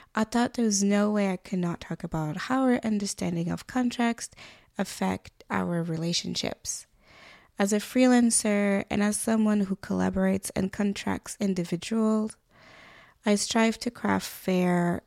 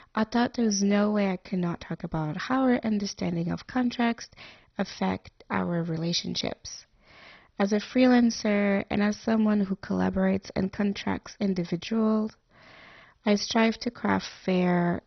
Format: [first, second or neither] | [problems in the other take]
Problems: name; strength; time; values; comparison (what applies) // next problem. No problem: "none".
first | garbled, watery; badly; nothing above 6 kHz